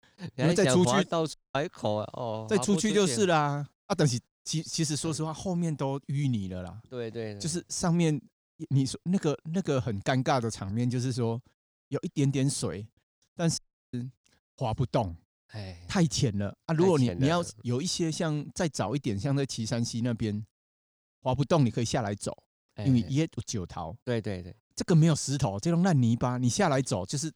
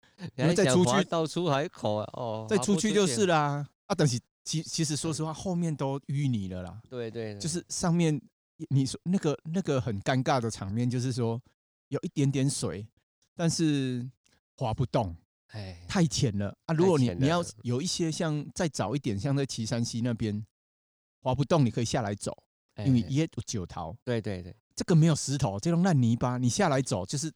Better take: second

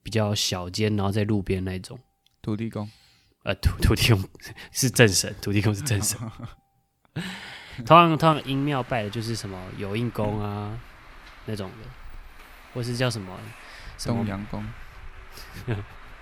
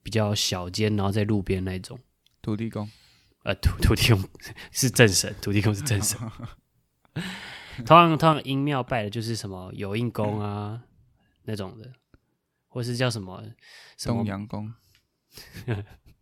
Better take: second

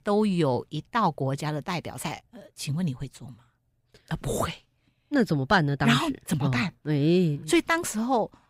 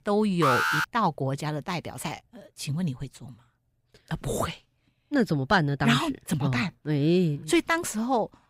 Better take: first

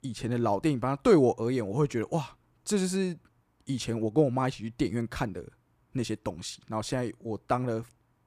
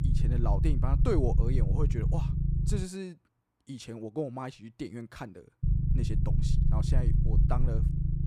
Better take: first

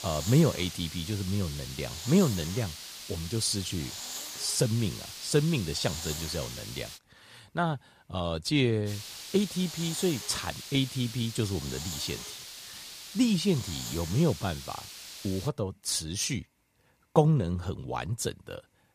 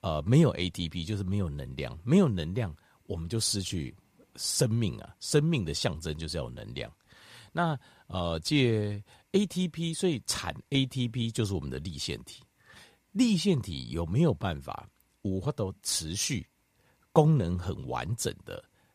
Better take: second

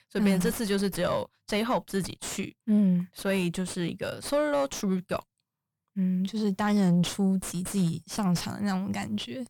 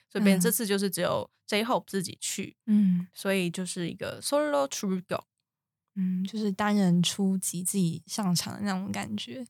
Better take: second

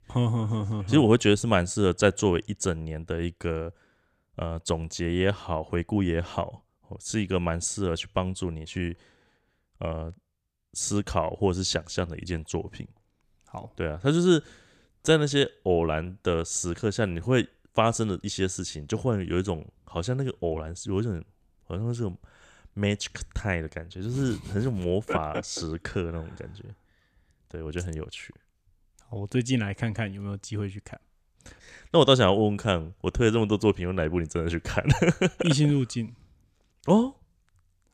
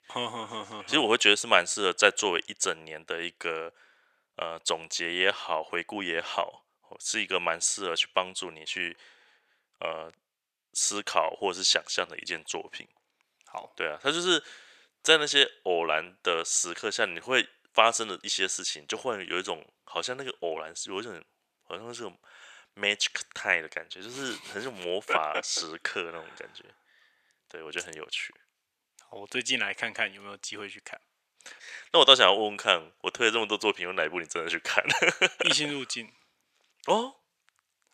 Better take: first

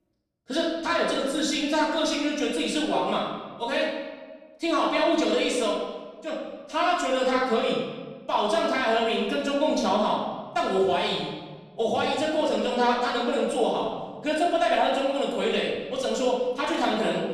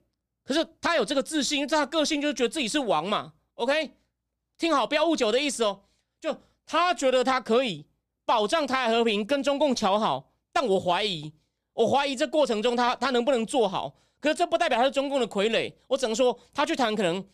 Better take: second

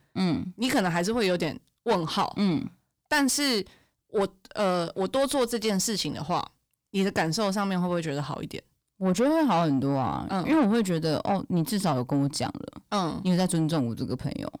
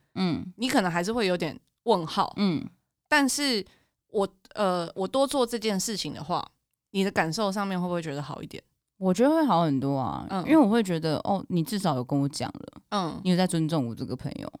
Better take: second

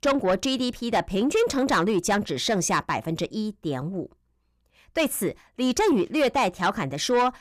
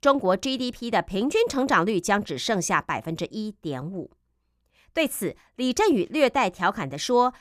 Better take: second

